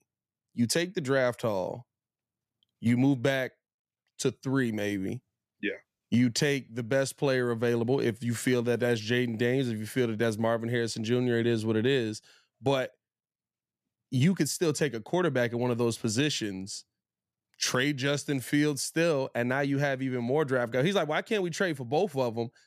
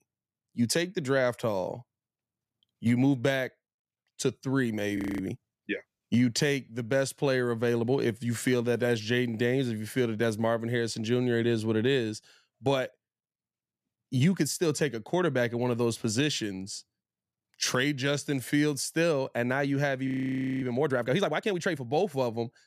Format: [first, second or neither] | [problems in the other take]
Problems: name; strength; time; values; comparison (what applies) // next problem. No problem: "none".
first | audio freezing; at 5 s and at 20 s for 0.5 s